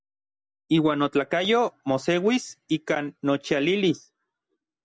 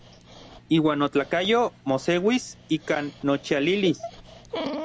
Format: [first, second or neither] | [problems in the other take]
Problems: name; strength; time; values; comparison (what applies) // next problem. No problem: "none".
first | background sound (Dog); 14 dB below the speech